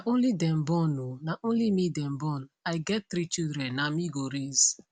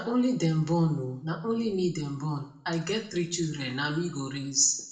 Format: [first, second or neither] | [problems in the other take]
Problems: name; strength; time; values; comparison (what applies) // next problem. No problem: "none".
first | room echo; dies away in 0.6 s